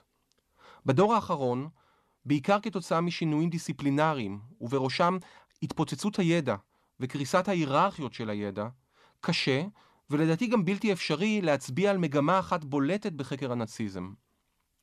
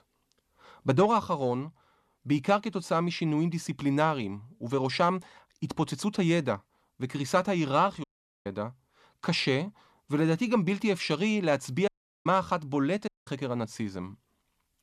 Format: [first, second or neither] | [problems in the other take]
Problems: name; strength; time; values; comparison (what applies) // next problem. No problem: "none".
first | audio cutting out; at 8 s, at 12 s and at 13 s